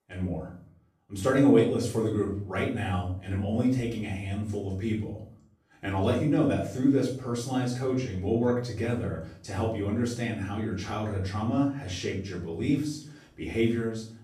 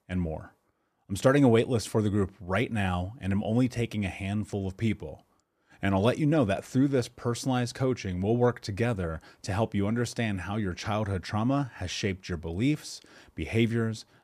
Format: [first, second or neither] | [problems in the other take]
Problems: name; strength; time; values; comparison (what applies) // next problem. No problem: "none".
second | room echo; noticeable; dies away in 0.5 s // off-mic speech; far